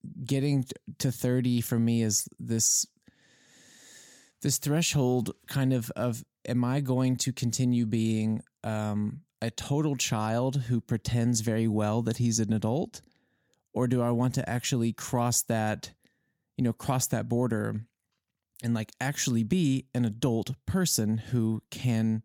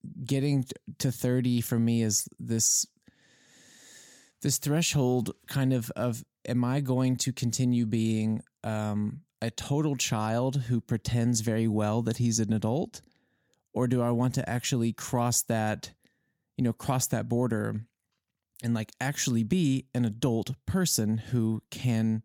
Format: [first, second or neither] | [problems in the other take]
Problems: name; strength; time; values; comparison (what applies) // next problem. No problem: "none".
neither | none